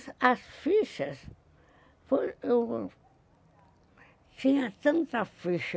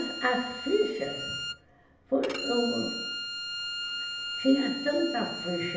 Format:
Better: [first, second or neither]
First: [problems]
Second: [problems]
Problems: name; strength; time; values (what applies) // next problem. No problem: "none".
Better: first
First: none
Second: background sound (Bowed string instrument); 6 dB below the speech // room echo; dies away in 0.8 s